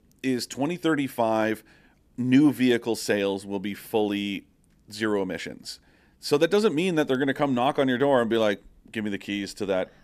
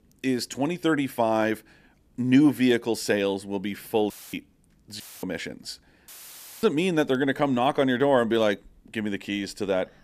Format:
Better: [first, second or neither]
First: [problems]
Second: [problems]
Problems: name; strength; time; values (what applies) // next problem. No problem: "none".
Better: first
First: none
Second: audio cutting out; filled with static; at 4 s, at 5 s and at 6 s for 0.5 s